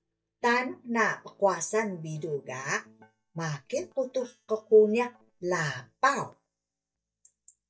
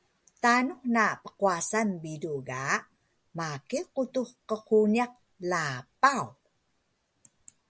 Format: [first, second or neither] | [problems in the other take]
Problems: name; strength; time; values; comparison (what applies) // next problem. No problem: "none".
second | noise reduction (neural mask model DeepFilterNet 3)